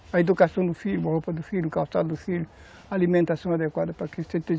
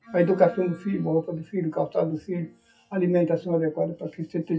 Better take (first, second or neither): first